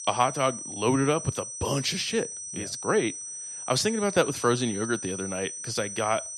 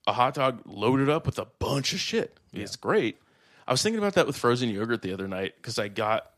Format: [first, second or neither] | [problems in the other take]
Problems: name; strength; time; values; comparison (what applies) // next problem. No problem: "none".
second | high-pitched whine; loud; throughout; 6 kHz, 7 dB below the speech